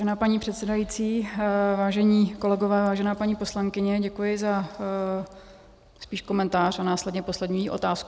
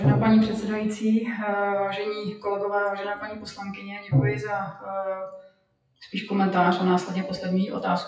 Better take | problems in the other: first | noise reduction (classical method WPE with log-MMSE)

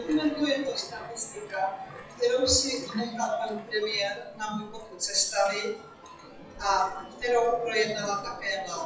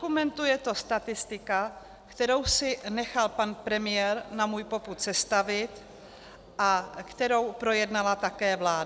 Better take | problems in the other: second | noise reduction (classical method WPE with log-MMSE)

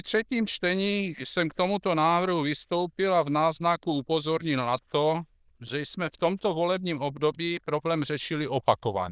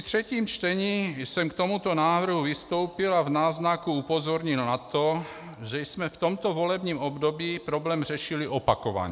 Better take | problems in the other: second | noise reduction (neural diffusion model UNIVERSE++)

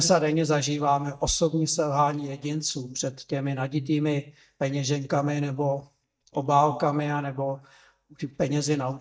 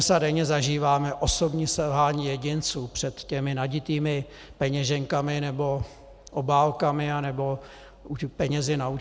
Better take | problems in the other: second | noise reduction (neural mask model DeepFilterNet 3)

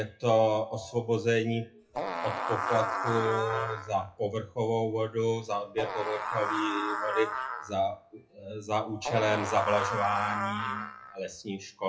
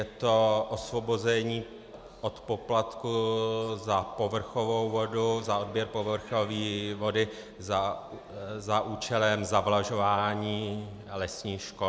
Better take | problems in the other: second | noise reduction (classical method WPE with log-MMSE)

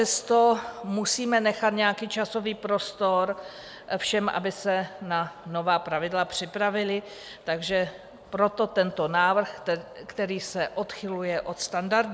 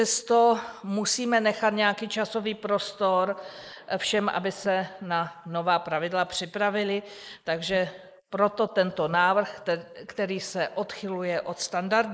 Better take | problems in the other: first | noise reduction (neural mask model Resemble Enhance denoiser)

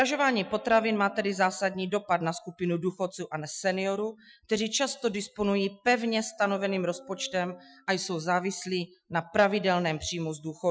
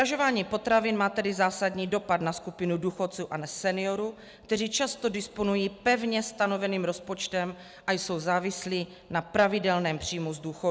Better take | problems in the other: second | noise reduction (classical method Wiener filter)

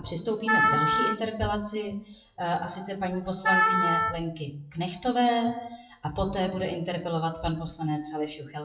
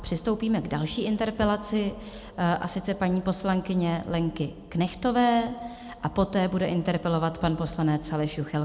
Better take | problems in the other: second | noise reduction (classical method WPE with log-MMSE)

